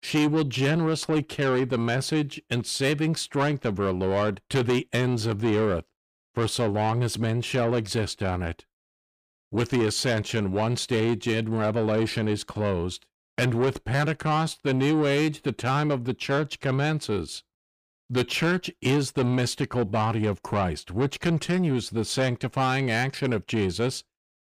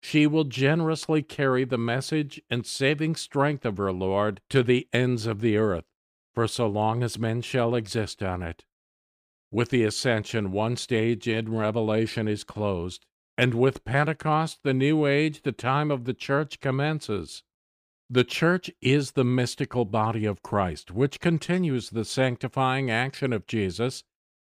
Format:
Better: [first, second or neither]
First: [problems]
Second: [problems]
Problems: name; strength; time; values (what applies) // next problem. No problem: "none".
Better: second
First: distortion; slight; 10 dB below the speech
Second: none